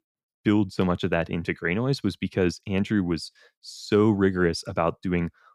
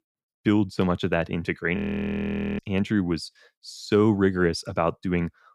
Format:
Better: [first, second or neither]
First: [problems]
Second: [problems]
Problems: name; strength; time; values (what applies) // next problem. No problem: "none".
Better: first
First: none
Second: audio freezing; at 2 s for 1 s